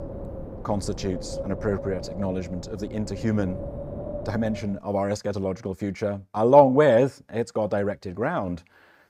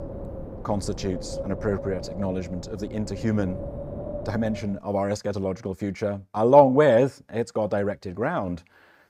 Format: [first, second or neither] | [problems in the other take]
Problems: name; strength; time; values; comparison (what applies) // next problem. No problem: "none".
neither | wind noise on the microphone; occasional gusts; until 5 s; 15 dB below the speech; the same in both